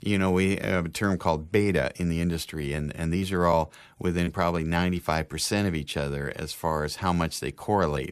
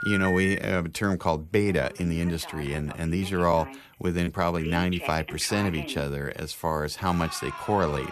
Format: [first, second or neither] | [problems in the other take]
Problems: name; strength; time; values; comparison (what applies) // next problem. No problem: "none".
first | alarms or sirens; loud; throughout; 10 dB below the speech